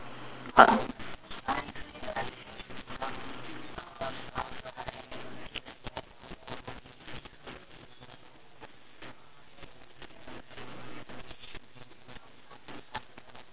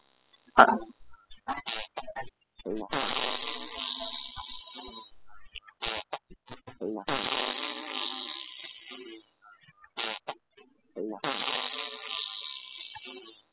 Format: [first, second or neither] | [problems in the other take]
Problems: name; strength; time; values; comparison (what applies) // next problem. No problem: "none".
first | noise reduction (classical method spectral subtraction)